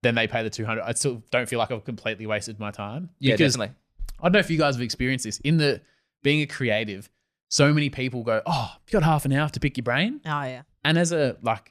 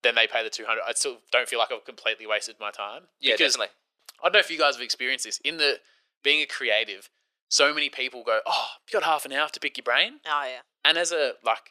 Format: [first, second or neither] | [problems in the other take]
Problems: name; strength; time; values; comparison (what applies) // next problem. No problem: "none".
first | thin; very; fading below 450 Hz